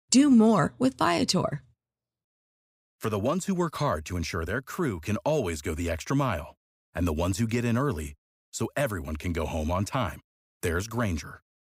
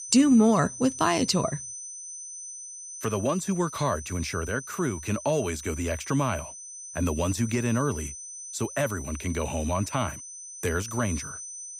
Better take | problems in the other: first | high-pitched whine; noticeable; throughout; 6 kHz, 10 dB below the speech

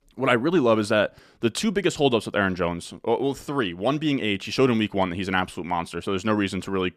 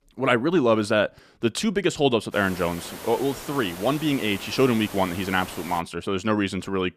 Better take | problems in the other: first | hiss; noticeable; from 2.5 to 6 s; 15 dB below the speech

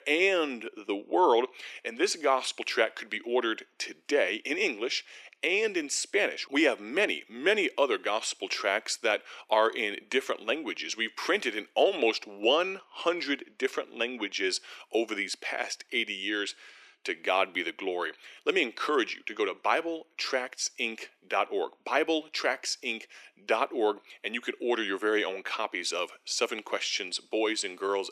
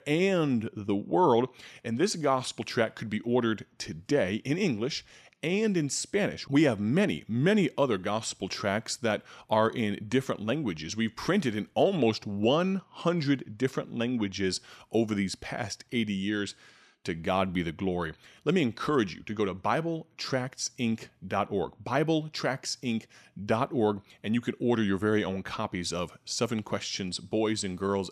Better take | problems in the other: second | thin; somewhat; fading below 350 Hz

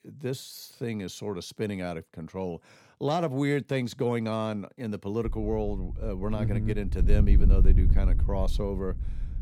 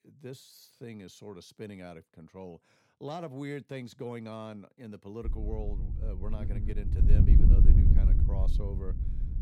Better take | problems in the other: first | wind noise on the microphone; heavy; from 5 s on; as loud as the speech; occasional gusts in the first

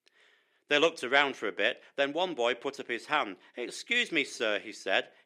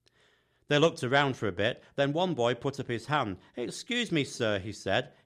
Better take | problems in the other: second | thin; somewhat; fading below 300 Hz

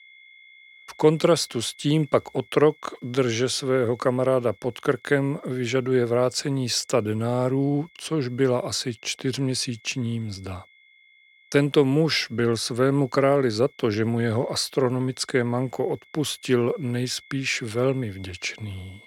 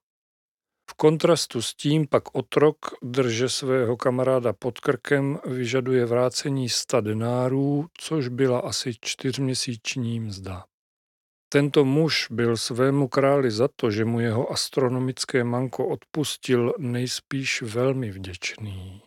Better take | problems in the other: second | high-pitched whine; faint; throughout; 2 kHz, 30 dB below the speech

